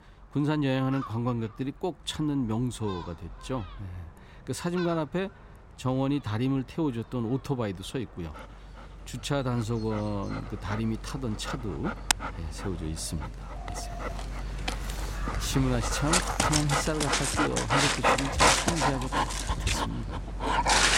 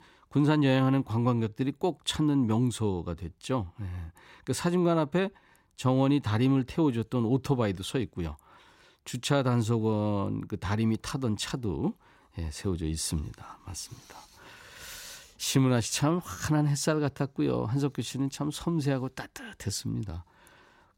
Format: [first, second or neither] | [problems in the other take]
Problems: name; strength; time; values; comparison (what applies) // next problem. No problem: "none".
second | animal sounds; very loud; throughout; 3 dB above the speech